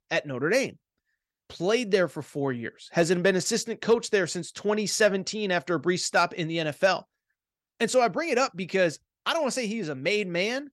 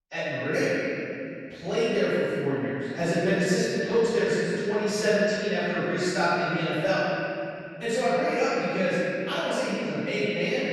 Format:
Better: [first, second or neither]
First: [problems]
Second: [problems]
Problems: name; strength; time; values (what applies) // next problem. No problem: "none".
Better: first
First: none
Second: off-mic speech; far // room echo; strong; dies away in 3 s